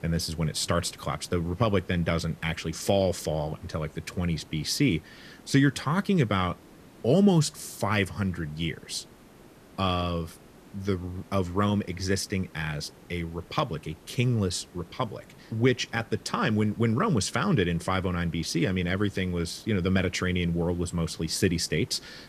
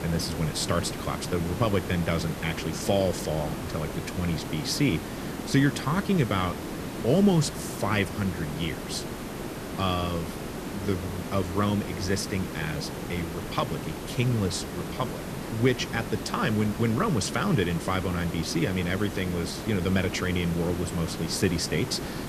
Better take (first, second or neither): first